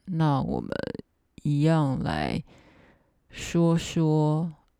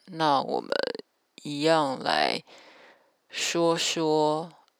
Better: first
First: none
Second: thin; very; fading below 550 Hz

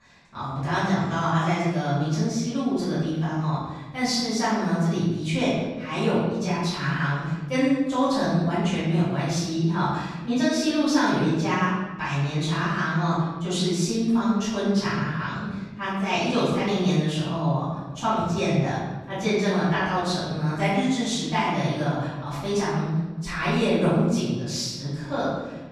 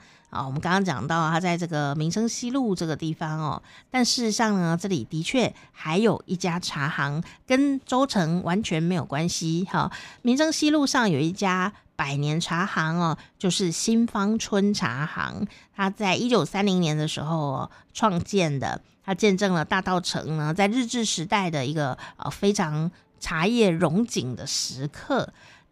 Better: second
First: room echo; strong; dies away in 1.2 s // off-mic speech; far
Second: none

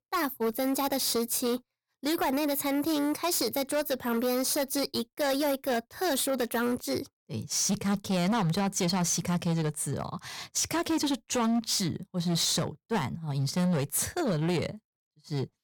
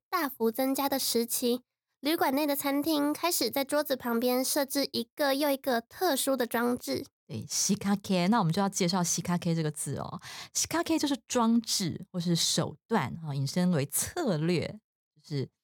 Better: second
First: distortion; slight; 15% of the sound clipped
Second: none

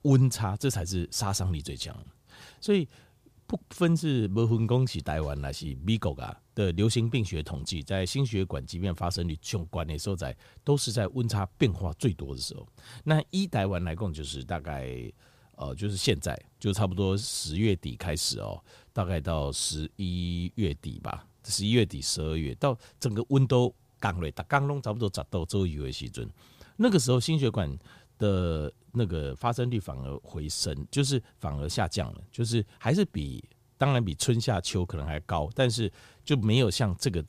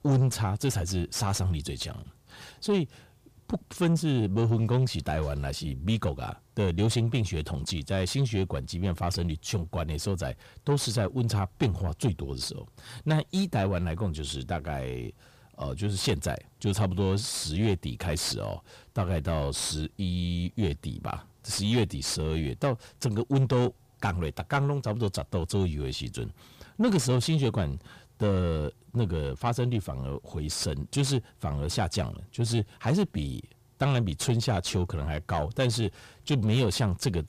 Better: first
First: none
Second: distortion; slight; 10 dB below the speech

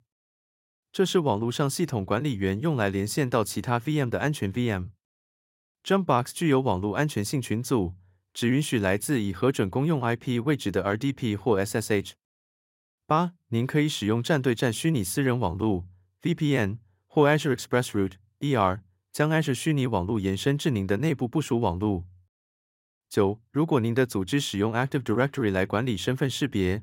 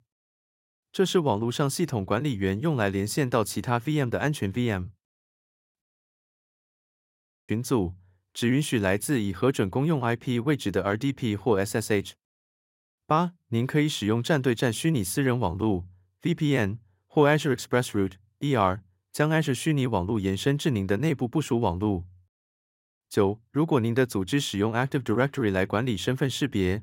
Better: first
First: none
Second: audio cutting out; at 6 s for 1.5 s

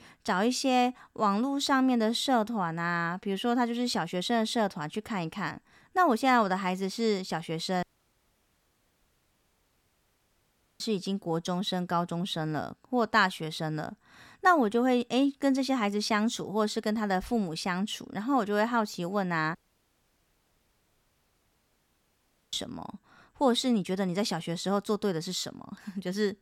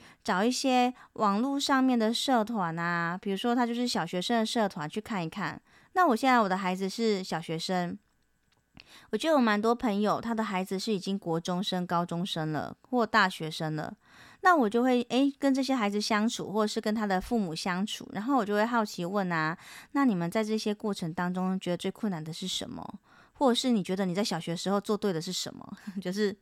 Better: second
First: audio cutting out; at 8 s for 3 s and at 20 s for 3 s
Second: none

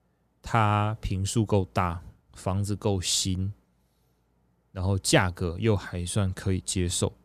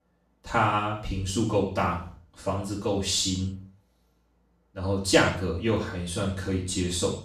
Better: first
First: none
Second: room echo; noticeable; dies away in 0.5 s // off-mic speech; far

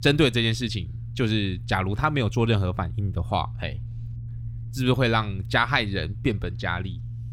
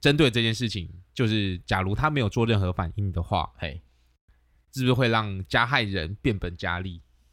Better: second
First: low rumble; faint; throughout; 25 dB below the speech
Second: none

